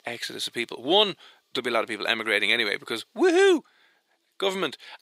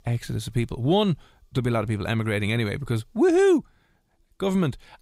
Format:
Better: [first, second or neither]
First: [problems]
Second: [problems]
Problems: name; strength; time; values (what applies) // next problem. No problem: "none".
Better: second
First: thin; very; fading below 350 Hz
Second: none